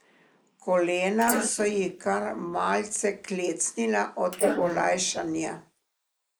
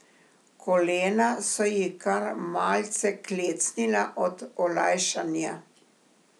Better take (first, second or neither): second